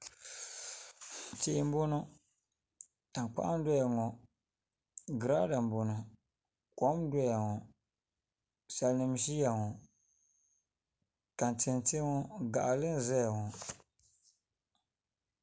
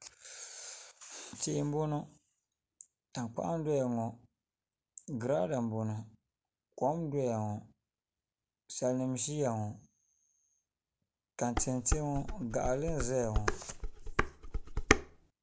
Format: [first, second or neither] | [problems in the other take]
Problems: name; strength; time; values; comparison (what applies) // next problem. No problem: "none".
first | background sound (Dishes, pots, and pans); 2 dB above the speech